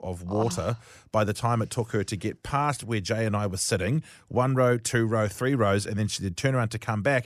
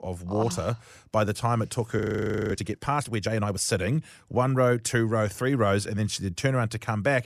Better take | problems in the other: first | audio freezing; at 2 s for 0.5 s

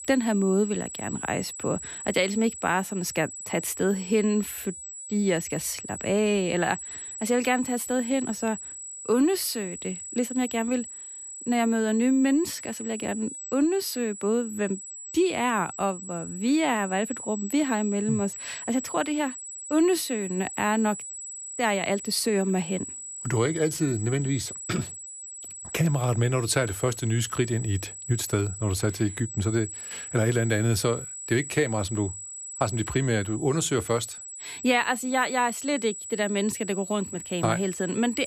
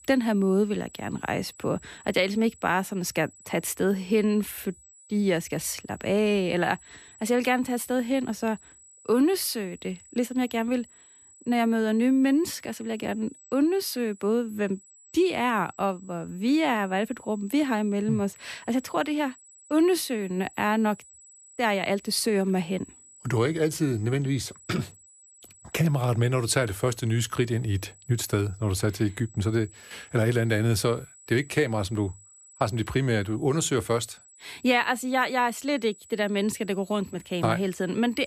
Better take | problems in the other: second | high-pitched whine; loud; throughout; 8 kHz, 9 dB below the speech; faint in the second

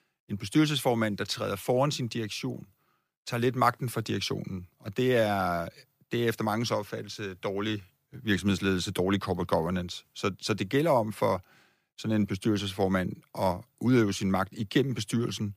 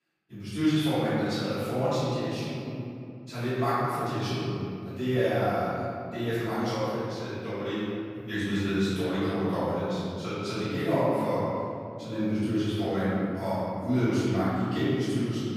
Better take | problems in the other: first | off-mic speech; far // room echo; strong; dies away in 2.5 s

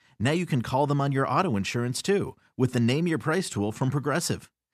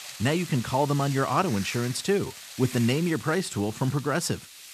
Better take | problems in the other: first | hiss; noticeable; throughout; 15 dB below the speech

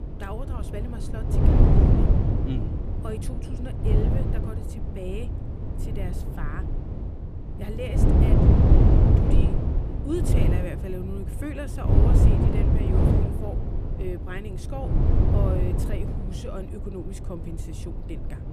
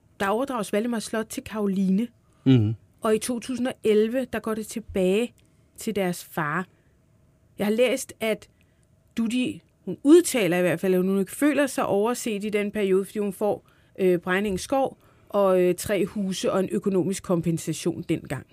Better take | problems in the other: second | wind noise on the microphone; heavy; 5 dB above the speech

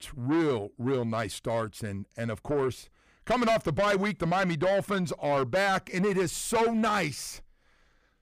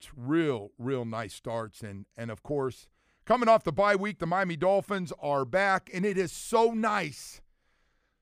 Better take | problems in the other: second | distortion; heavy; 7 dB below the speech

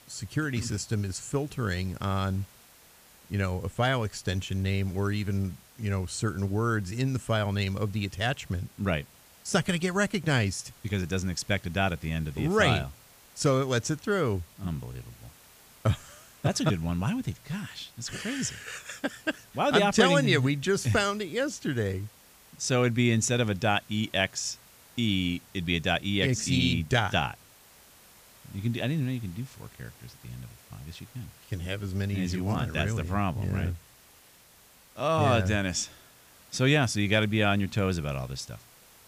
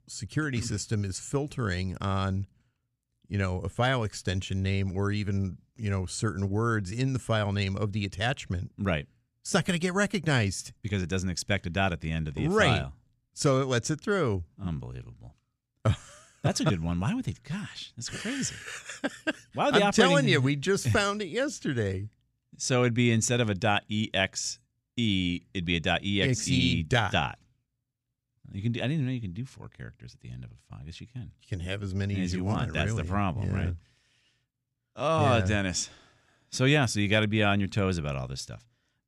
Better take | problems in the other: second | hiss; faint; throughout; 25 dB below the speech

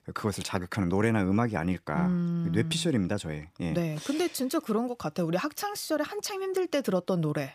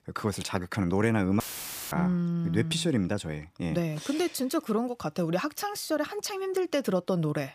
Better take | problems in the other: first | audio cutting out; filled with static; at 1.5 s for 0.5 s

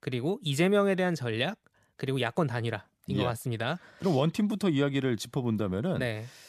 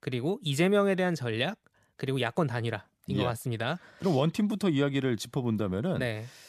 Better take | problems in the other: neither | none

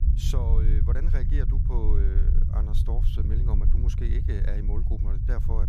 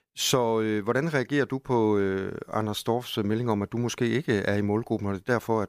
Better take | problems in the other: second | low rumble; loud; throughout; 2 dB below the speech

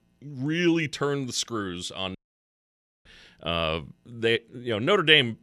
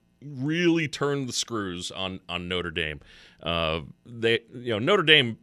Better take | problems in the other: second | audio cutting out; at 2 s for 1 s

